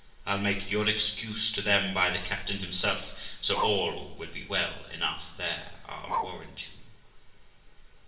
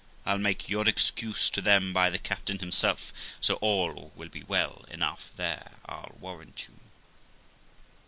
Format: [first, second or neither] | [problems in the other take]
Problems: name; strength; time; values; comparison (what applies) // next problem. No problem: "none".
second | background sound (Bark); 7 dB below the speech // room echo; dies away in 0.9 s